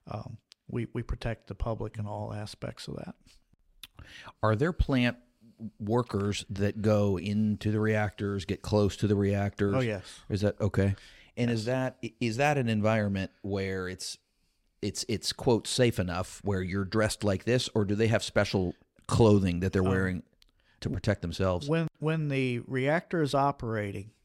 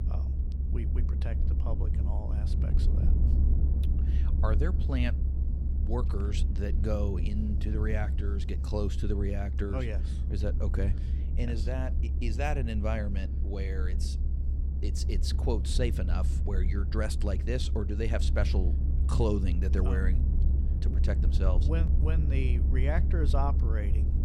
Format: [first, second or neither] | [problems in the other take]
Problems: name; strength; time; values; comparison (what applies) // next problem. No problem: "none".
first | low rumble; loud; throughout; 8 dB below the speech